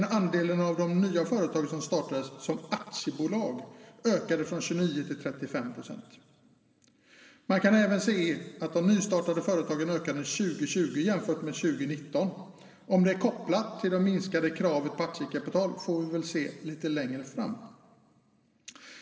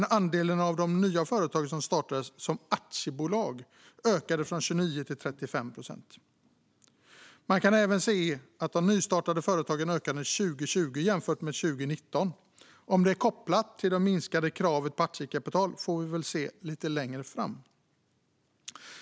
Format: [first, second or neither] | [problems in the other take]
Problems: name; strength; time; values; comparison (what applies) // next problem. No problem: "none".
second | room echo; dies away in 1.8 s